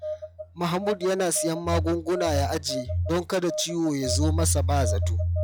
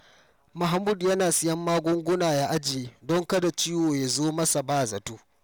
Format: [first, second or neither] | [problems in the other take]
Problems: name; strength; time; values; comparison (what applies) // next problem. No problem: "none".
second | noise reduction (classical method log-MMSE)